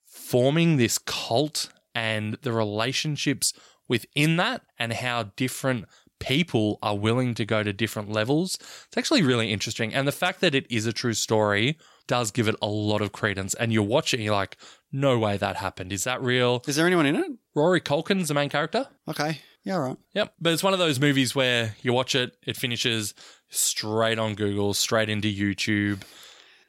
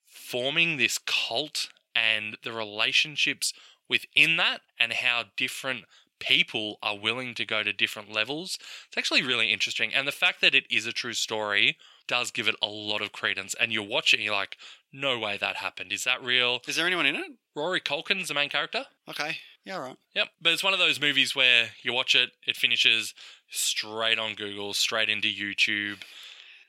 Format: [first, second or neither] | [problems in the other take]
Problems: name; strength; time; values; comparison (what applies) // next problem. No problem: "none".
first | thin; somewhat; fading below 1 kHz